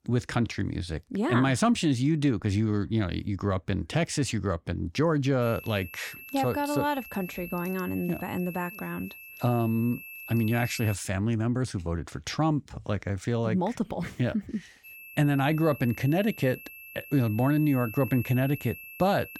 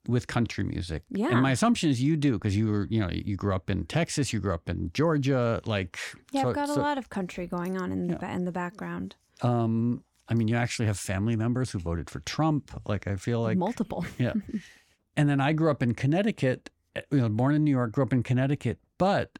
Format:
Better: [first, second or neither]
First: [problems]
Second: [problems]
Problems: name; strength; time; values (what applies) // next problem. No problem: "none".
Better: second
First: high-pitched whine; noticeable; from 5.5 to 11 s and from 15 s on; 2.5 kHz, 15 dB below the speech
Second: none